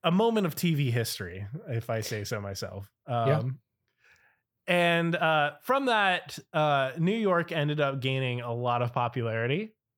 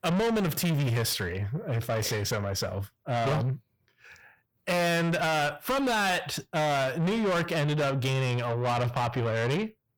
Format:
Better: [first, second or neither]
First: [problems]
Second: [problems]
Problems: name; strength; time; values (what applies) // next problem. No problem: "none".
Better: first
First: none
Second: distortion; heavy; 6 dB below the speech